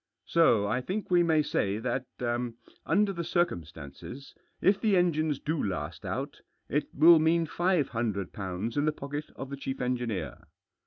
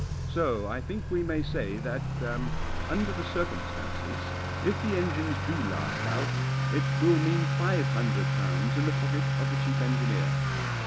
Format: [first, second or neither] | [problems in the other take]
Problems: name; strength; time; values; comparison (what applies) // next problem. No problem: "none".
first | background sound (Accelerating, revving, vroom / Motor vehicle (road)); 4 dB above the speech